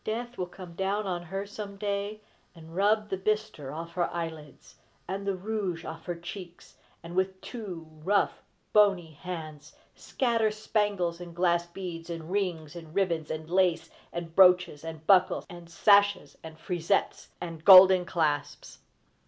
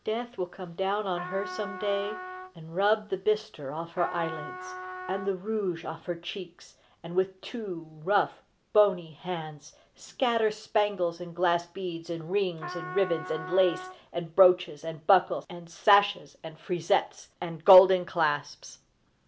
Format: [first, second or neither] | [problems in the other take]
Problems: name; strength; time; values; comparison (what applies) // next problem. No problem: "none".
first | background sound (Trumpet); 12 dB below the speech